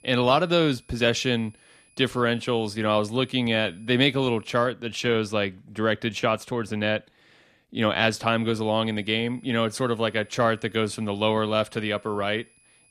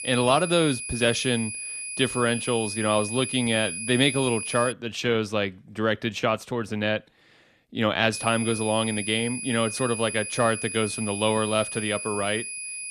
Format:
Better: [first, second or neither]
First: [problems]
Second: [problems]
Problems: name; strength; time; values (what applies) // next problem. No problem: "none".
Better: first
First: high-pitched whine; faint; until 4.5 s and from 8 s on; 10.5 kHz, 30 dB below the speech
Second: high-pitched whine; loud; until 4.5 s and from 8 s on; 10.5 kHz, 6 dB below the speech